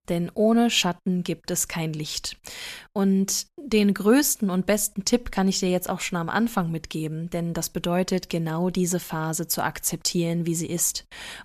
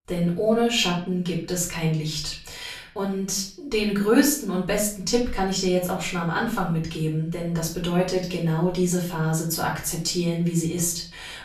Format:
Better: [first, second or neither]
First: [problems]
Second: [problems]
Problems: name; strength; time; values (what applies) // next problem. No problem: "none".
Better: first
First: none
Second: off-mic speech; far // room echo; slight; dies away in 0.4 s